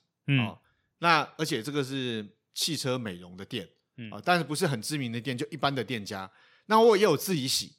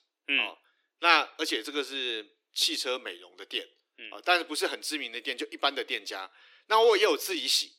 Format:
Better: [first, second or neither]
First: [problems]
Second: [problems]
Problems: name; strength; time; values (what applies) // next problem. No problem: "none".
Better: first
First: none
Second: thin; very; fading below 300 Hz